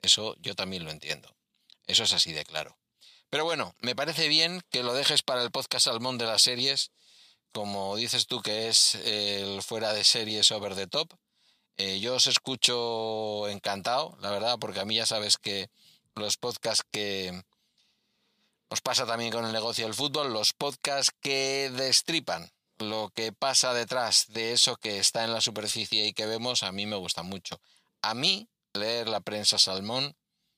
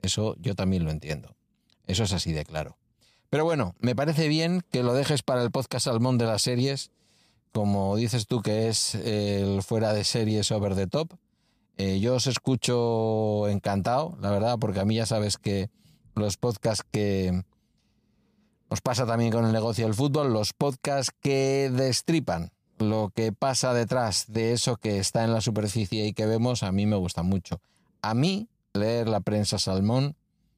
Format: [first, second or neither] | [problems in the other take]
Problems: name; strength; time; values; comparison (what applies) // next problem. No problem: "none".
second | thin; somewhat; fading below 1 kHz